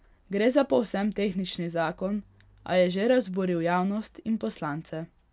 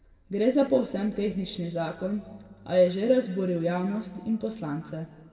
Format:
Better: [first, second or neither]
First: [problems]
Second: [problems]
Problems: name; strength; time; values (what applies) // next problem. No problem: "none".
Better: first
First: none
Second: room echo; dies away in 1.5 s